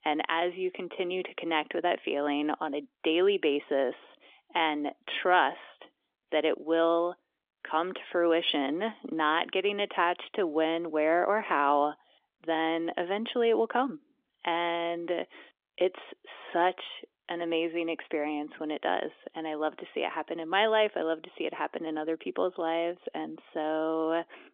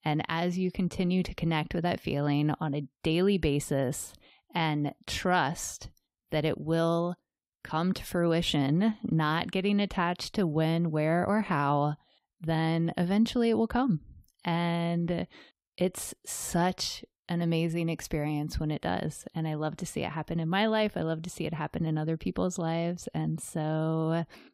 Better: second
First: phone-call audio; nothing above 3.5 kHz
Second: none

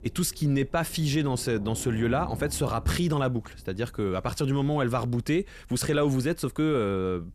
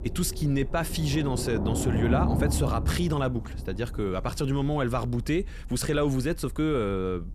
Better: first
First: low rumble; faint; throughout; 20 dB below the speech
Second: low rumble; loud; throughout; 7 dB below the speech

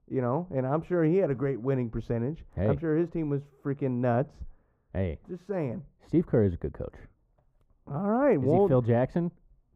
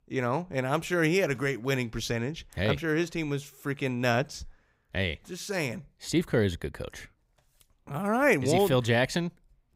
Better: second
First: muffled; very; fading above 2 kHz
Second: none

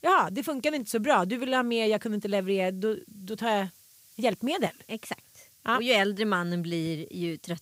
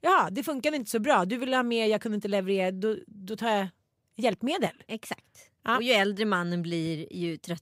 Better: second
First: hiss; faint; throughout; 30 dB below the speech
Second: none

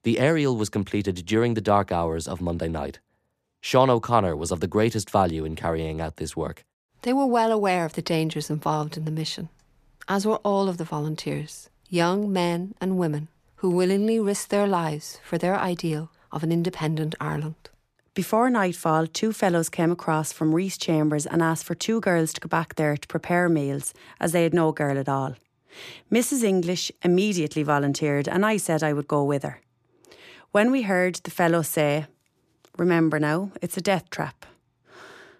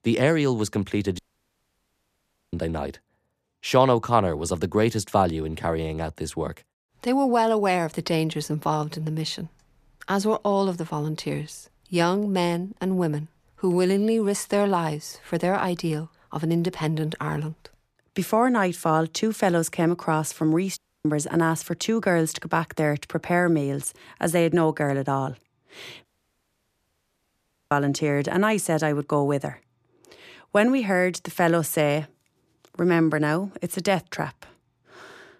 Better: first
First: none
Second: audio cutting out; at 1 s for 1.5 s, at 21 s and at 26 s for 1.5 s

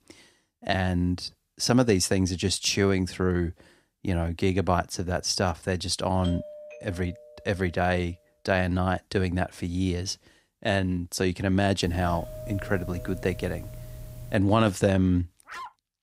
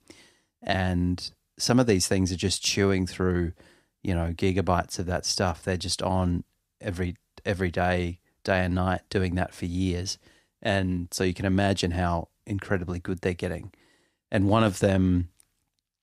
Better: second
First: doorbell; faint; from 6 to 8 s and from 12 to 14 s; peak 10 dB below the speech // dog barking; faint; at 15 s; peak 15 dB below the speech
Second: none

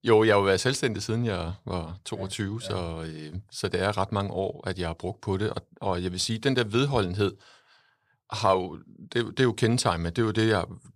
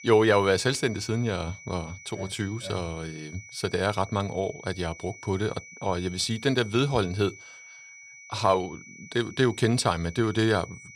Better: first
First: none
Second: high-pitched whine; noticeable; throughout; 2.5 kHz, 20 dB below the speech

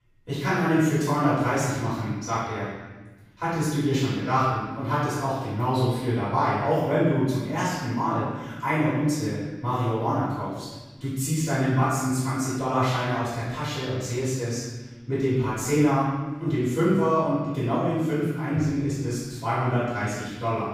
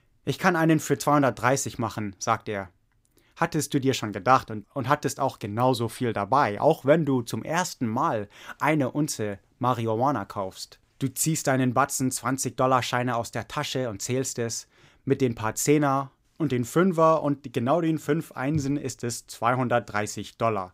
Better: second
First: off-mic speech; far // room echo; strong; dies away in 1.4 s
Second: none

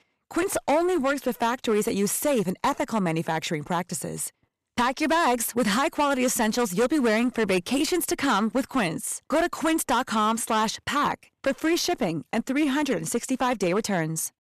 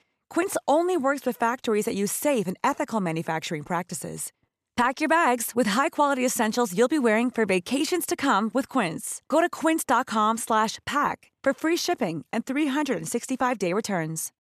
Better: second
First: distortion; slight; 11% of the sound clipped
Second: none

